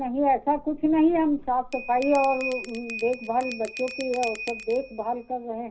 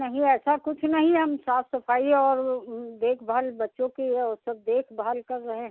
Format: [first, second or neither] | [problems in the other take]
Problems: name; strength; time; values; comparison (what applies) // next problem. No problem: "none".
second | background sound (Bell); 13 dB below the speech // room echo; dies away in 0.4 s